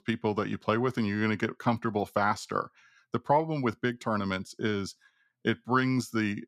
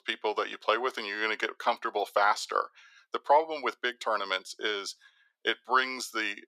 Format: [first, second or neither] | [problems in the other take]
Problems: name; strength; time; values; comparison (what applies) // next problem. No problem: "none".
first | thin; very; fading below 450 Hz